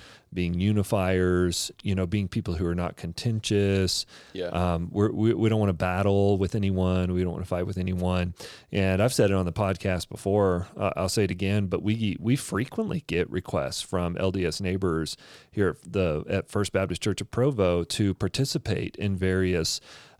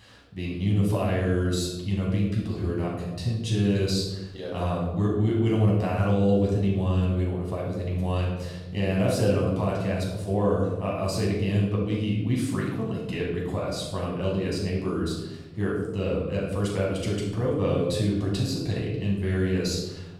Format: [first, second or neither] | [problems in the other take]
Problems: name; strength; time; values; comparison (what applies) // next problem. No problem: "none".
first | off-mic speech; far // room echo; noticeable; dies away in 1 s